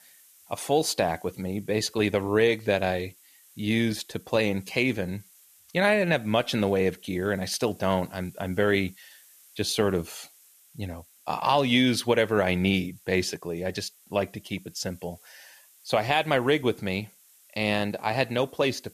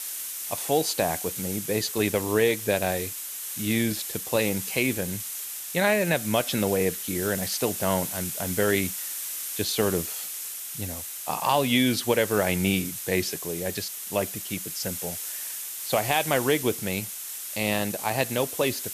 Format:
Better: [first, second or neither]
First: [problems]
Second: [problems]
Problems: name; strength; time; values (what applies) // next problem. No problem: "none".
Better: first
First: hiss; faint; throughout; 25 dB below the speech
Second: hiss; loud; throughout; 5 dB below the speech